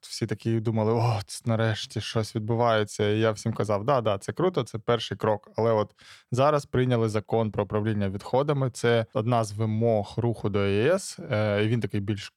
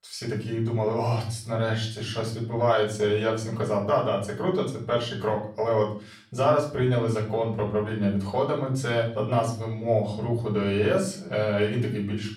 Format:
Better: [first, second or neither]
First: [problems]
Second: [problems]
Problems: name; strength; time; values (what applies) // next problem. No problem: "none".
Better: first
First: none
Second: off-mic speech; far // room echo; slight; dies away in 0.4 s